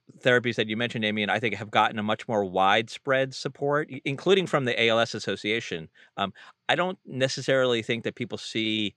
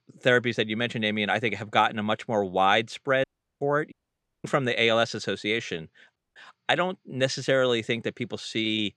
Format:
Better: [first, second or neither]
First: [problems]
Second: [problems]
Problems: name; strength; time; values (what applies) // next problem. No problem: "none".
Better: first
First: none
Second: audio cutting out; at 3 s, at 4 s for 0.5 s and at 6 s